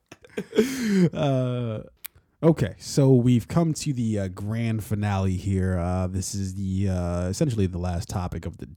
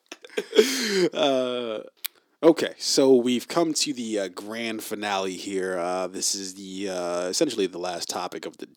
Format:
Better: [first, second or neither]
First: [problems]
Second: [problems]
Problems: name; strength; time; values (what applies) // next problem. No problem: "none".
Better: first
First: none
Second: thin; somewhat; fading below 300 Hz